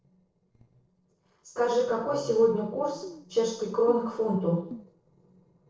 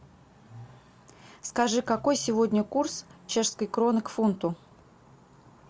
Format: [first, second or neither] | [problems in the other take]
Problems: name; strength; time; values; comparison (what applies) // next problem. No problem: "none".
second | noise reduction (neural separator model SepFormer DNS4)